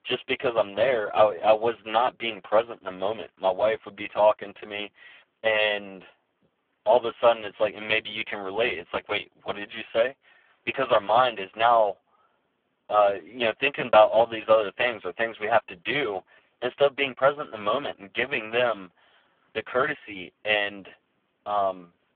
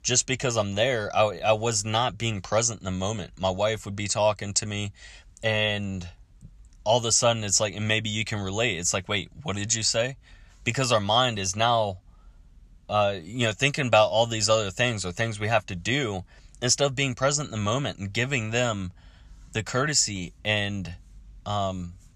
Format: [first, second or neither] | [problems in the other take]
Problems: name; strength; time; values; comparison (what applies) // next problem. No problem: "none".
second | phone-call audio; poor line